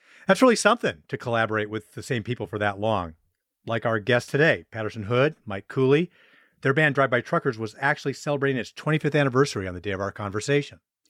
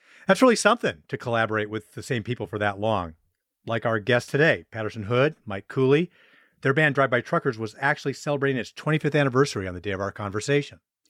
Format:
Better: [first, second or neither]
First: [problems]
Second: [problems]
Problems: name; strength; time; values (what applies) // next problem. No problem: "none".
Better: neither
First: none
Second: none